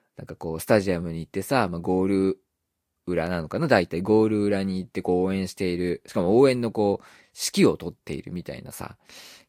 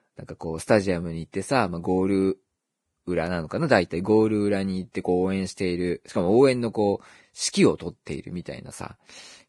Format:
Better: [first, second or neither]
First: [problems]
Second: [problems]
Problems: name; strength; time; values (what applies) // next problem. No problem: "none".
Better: first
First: garbled, watery; slightly; nothing above 15 kHz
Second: garbled, watery; badly; nothing above 10.5 kHz